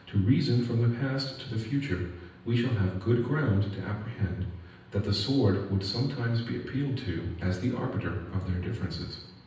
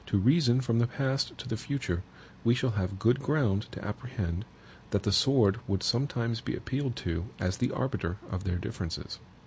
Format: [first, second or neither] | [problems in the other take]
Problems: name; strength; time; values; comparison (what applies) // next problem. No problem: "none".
second | room echo; dies away in 0.9 s